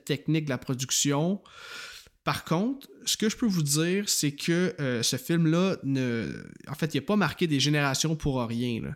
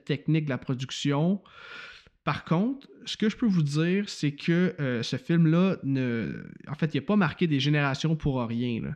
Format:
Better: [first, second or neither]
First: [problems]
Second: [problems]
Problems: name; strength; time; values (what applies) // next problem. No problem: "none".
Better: first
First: none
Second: muffled; slightly; fading above 3 kHz